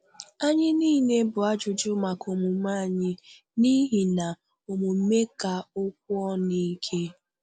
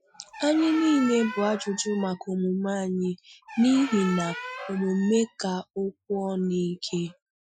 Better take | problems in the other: first | noise reduction (classical method Wiener filter)

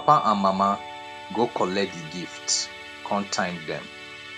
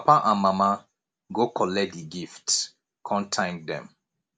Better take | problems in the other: second | background sound (Musical instrument); 13 dB below the speech

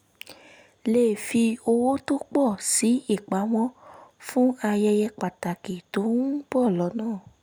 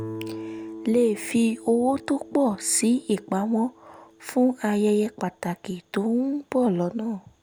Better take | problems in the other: first | background sound (Guitar); 17 dB below the speech

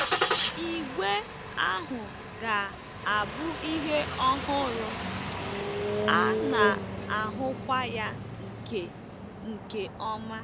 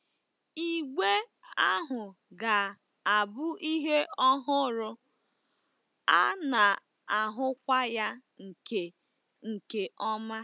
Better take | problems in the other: second | background sound (Engine starting); 2 dB below the speech

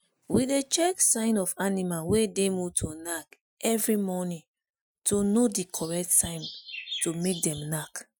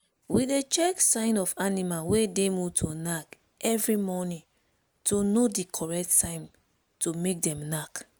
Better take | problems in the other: second | noise reduction (classical method Wiener filter)

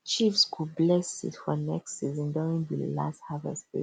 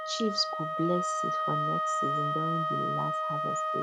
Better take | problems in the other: first | background sound (Wind instrument, woodwind instrument); 3 dB above the speech

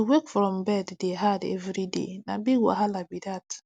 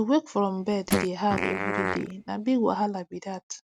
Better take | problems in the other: first | noise reduction (neural mask model RNNoise)

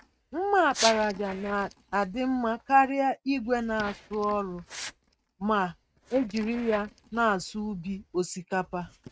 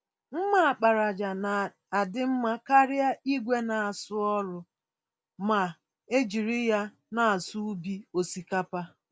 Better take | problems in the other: second | noise reduction (neural mask model RNNoise)

